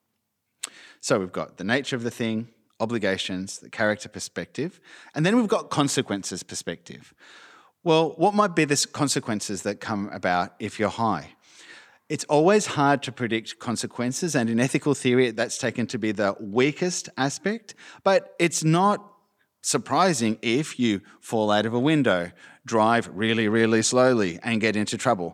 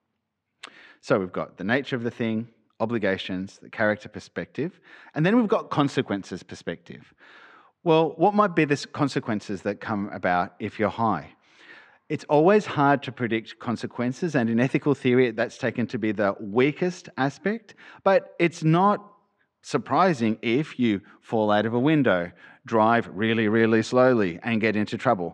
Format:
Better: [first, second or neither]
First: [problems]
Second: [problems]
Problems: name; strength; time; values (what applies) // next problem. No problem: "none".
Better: first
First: none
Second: muffled; slightly; fading above 2.5 kHz